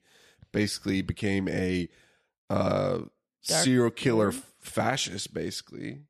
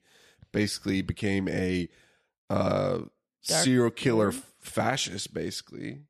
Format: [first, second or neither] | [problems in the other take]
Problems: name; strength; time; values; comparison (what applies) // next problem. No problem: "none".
neither | none